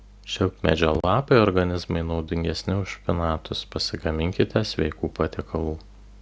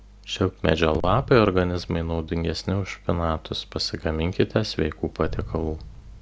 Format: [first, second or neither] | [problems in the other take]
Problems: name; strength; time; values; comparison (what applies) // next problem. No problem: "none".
first | background sound (Boom); 15 dB below the speech